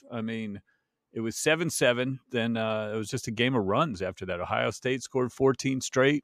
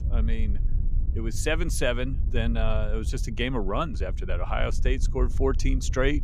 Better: first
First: none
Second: wind noise on the microphone; occasional gusts; 20 dB below the speech

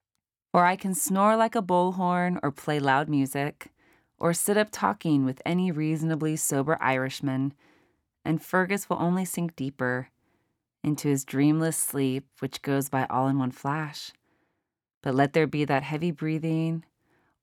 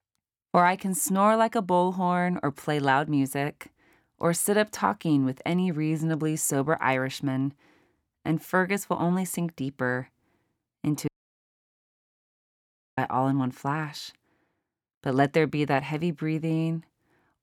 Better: first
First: none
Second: audio cutting out; at 11 s for 2 s

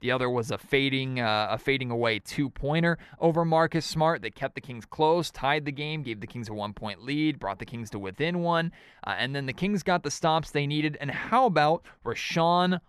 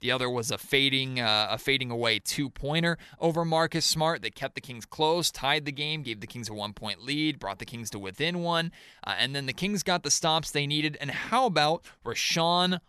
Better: second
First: muffled; slightly; fading above 3 kHz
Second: none

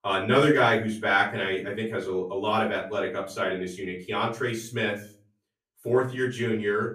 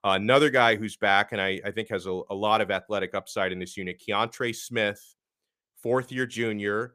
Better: second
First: off-mic speech; far // room echo; slight; dies away in 0.4 s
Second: none

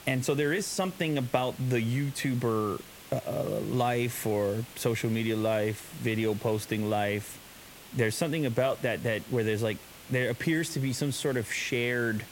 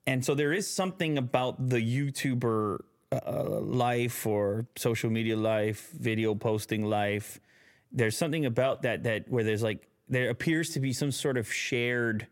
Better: second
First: hiss; noticeable; throughout; 15 dB below the speech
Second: none

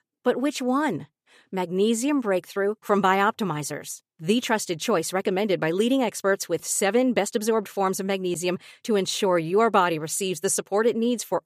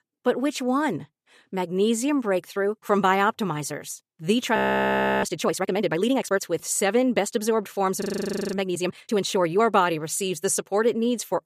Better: first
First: none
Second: audio freezing; at 4.5 s for 0.5 s and at 8 s for 0.5 s

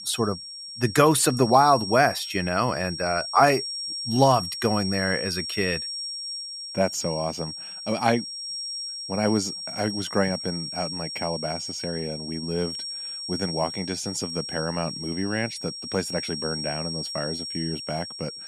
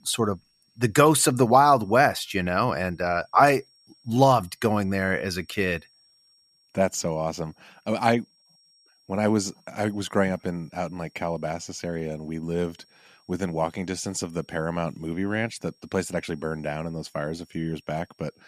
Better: second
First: high-pitched whine; loud; throughout; 5.5 kHz, 6 dB below the speech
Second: high-pitched whine; faint; throughout; 5.5 kHz, 35 dB below the speech

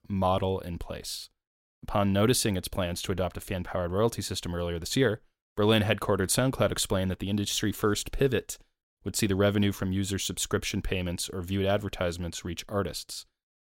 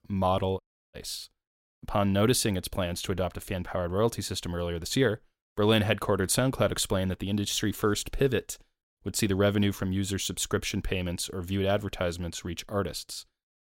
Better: first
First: none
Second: audio cutting out; at 0.5 s

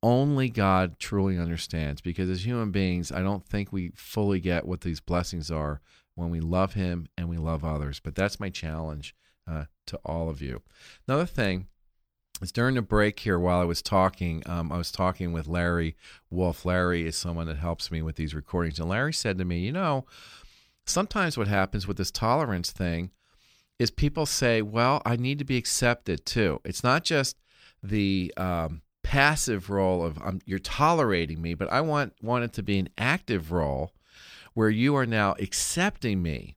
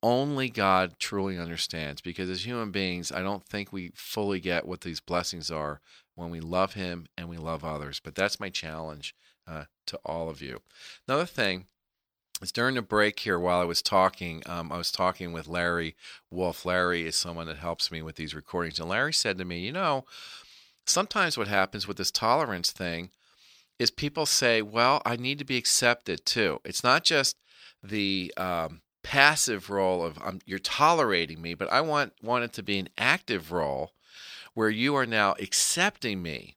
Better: first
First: none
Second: thin; somewhat; fading below 950 Hz

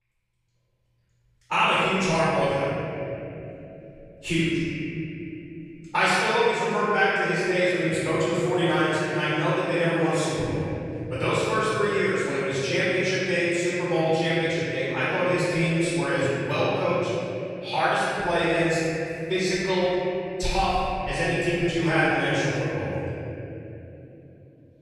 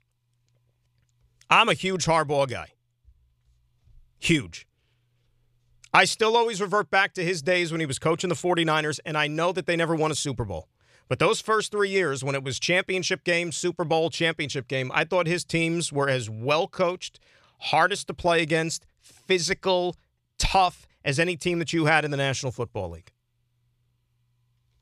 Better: second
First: off-mic speech; far // room echo; strong; dies away in 3 s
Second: none

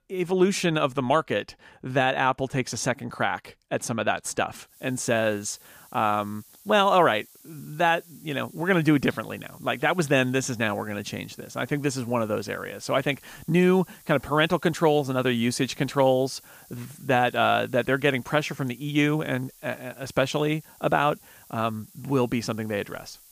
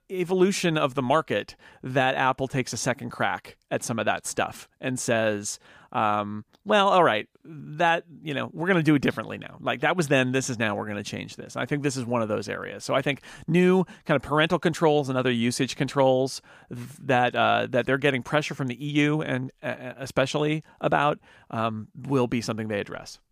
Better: second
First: hiss; faint; from 4.5 s on; 25 dB below the speech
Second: none

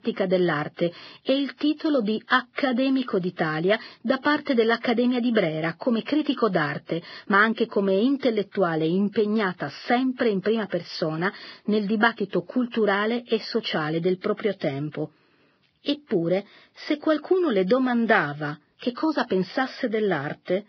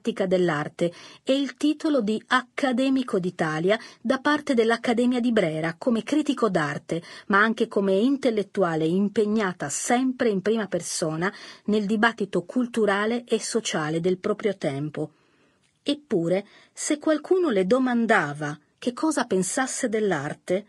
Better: second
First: garbled, watery; badly; nothing above 5 kHz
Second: garbled, watery; slightly; nothing above 10.5 kHz

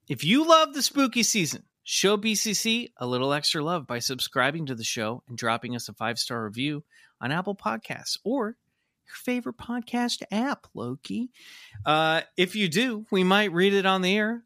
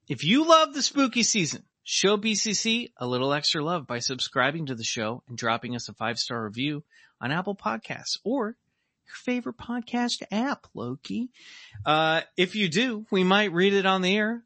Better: first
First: none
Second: garbled, watery; slightly; nothing above 7 kHz

